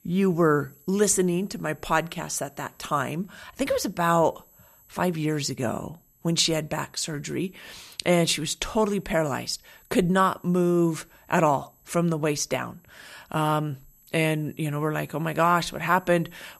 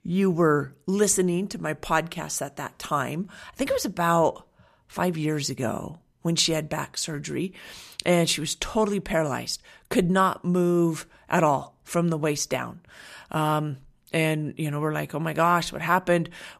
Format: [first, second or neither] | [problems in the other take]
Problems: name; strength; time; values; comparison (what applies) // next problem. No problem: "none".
second | high-pitched whine; faint; throughout; 12 kHz, 30 dB below the speech